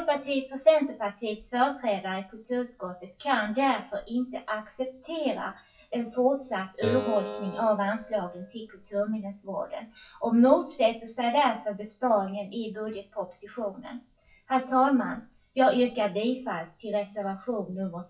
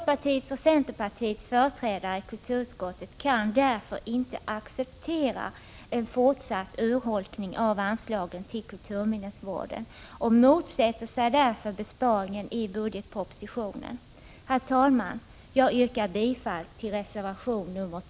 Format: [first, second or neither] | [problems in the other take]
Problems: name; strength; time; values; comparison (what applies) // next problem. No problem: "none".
second | noise reduction (classical method WPE with log-MMSE)